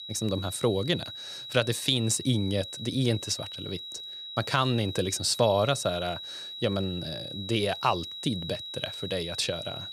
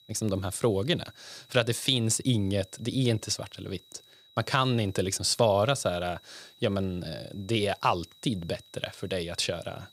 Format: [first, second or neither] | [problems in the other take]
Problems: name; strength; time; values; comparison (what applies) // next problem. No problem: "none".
second | high-pitched whine; loud; throughout; 4 kHz, 8 dB below the speech; faint in the second